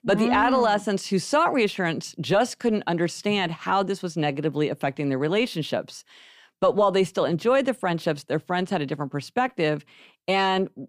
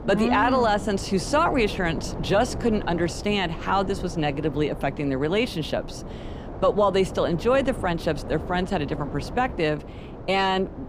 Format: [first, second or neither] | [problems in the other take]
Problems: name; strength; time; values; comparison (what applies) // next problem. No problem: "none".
first | wind noise on the microphone; occasional gusts; 15 dB below the speech